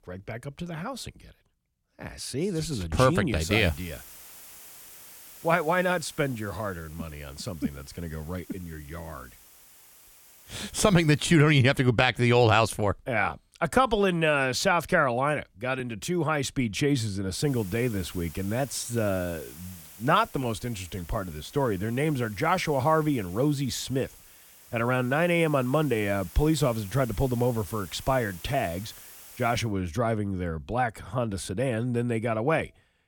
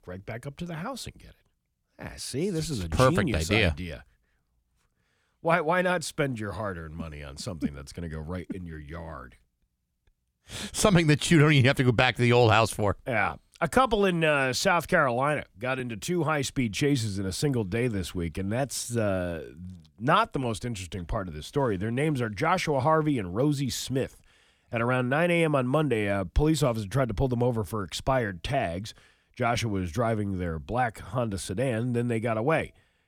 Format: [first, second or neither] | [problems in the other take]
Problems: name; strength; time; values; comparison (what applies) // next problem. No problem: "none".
second | hiss; noticeable; from 3.5 to 11 s and from 17 to 30 s; 20 dB below the speech